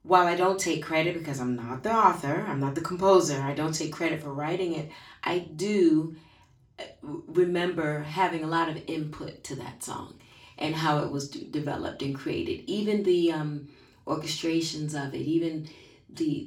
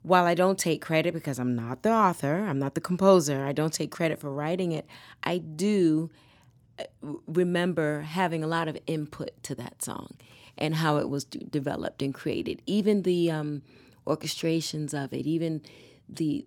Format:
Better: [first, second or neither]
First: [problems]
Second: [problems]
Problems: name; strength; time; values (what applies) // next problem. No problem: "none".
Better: second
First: room echo; slight; dies away in 0.3 s // off-mic speech; far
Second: none